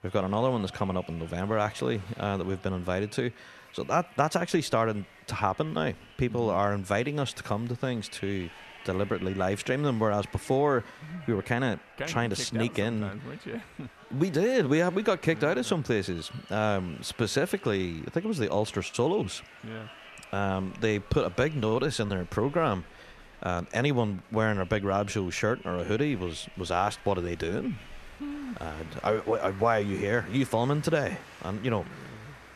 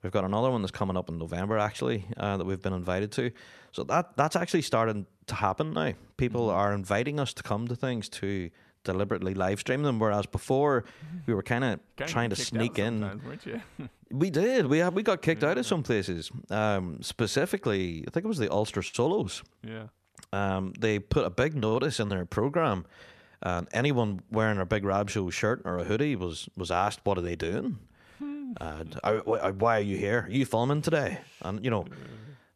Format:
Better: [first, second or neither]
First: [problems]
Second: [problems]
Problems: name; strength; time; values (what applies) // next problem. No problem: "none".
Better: second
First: crowd noise; faint; throughout; 20 dB below the speech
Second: none